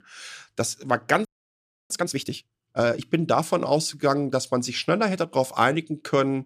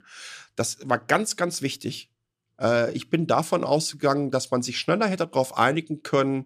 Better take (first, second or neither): second